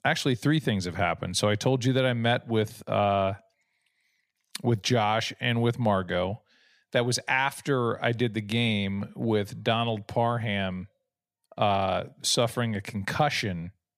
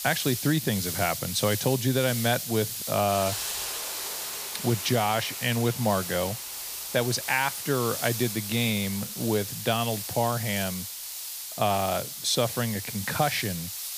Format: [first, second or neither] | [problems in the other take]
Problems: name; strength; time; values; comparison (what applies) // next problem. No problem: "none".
first | hiss; loud; throughout; 5 dB below the speech